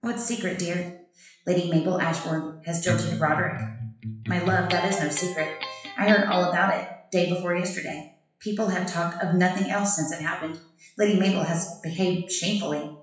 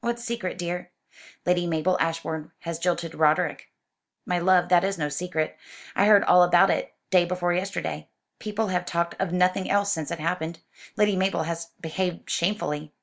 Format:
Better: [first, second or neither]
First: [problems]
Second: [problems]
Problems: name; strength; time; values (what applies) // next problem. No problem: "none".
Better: second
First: noise reduction (classical method WPE with log-MMSE)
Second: none